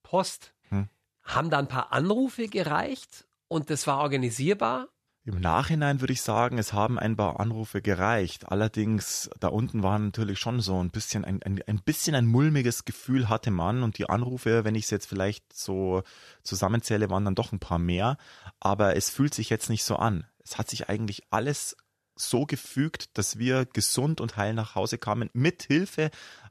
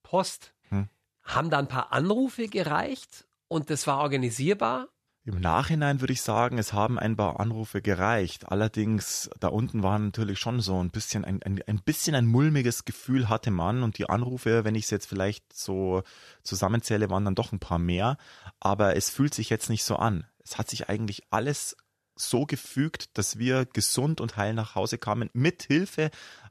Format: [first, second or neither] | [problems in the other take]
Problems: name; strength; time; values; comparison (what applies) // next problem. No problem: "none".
neither | none